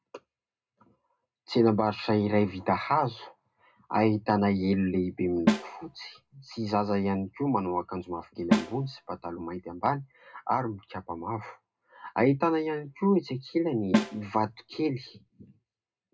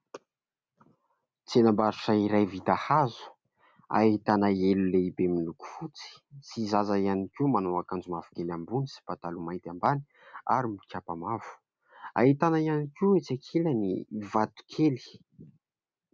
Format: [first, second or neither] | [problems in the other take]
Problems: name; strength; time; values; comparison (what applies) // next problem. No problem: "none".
second | background sound (Snare drum); 2 dB below the speech // room echo; dies away in 0.2 s